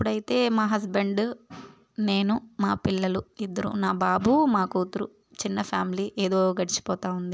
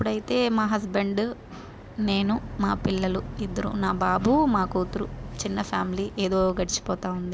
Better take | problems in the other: first | background sound (Boat, Water vehicle); 12 dB below the speech

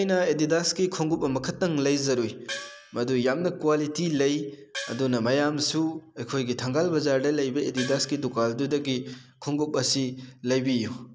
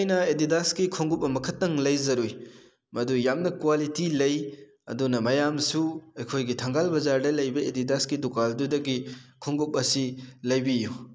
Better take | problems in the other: second | background sound (Gong); 13 dB below the speech

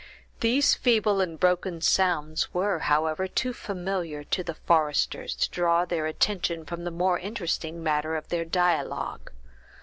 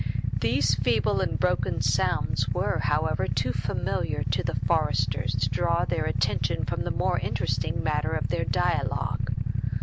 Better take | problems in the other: first | background sound (Idling / Motorcycle); 3 dB above the speech

